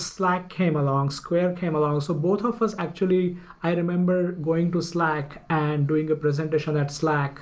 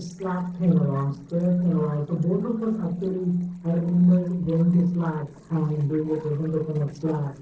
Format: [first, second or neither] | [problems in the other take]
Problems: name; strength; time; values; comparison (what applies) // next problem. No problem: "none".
first | noise reduction (neural separator model SepFormer DNS4)